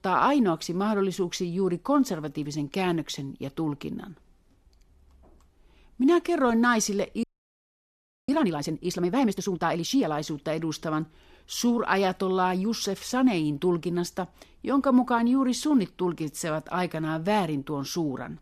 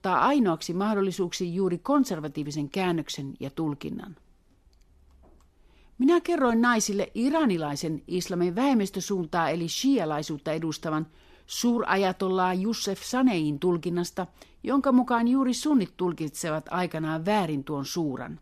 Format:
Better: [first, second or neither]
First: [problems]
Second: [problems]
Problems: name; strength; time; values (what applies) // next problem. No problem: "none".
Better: second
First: audio freezing; at 7 s for 1 s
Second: none